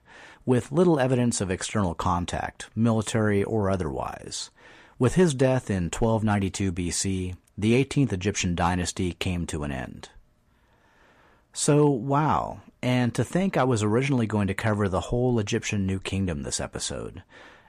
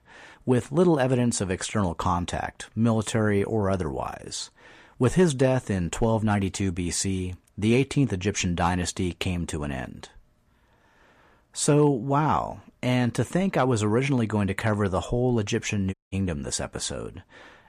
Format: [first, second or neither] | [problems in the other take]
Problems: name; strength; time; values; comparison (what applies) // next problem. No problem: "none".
first | audio cutting out; at 16 s